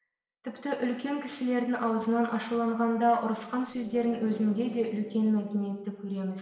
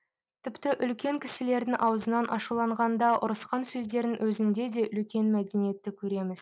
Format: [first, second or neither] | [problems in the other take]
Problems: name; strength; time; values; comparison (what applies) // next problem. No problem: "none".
second | noise reduction (neural separator model SepFormer DNS4)